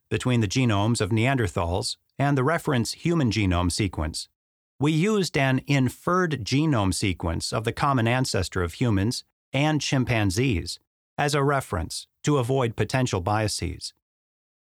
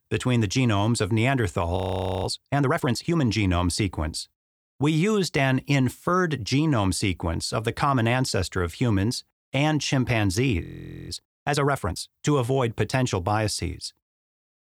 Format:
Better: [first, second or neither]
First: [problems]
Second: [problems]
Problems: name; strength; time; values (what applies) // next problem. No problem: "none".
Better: first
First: none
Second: audio freezing; at 2 s and at 11 s